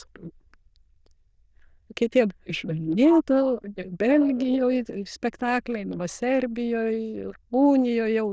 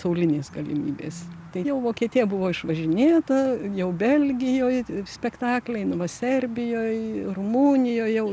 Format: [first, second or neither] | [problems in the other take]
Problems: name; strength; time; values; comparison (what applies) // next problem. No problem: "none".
second | noise reduction (neural diffusion model UNIVERSE++)